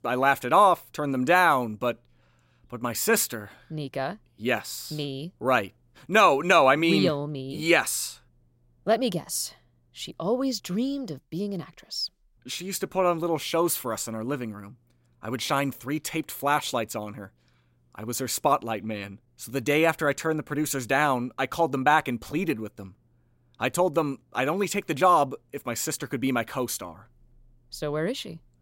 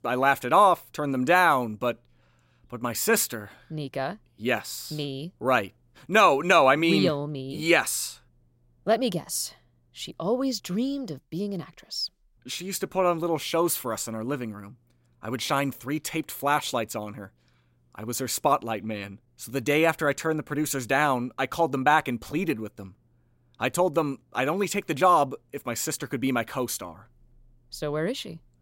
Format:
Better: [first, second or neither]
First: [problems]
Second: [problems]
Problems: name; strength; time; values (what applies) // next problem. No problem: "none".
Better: neither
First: none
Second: none